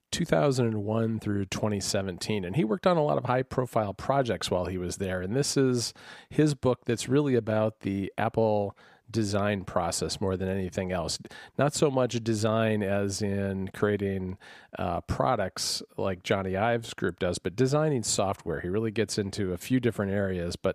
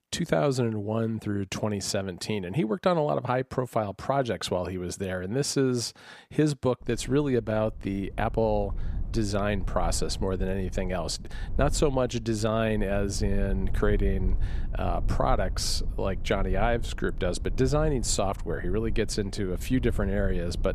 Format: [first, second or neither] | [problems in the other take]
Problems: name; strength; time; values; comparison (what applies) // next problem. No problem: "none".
first | low rumble; faint; from 7 s on; 20 dB below the speech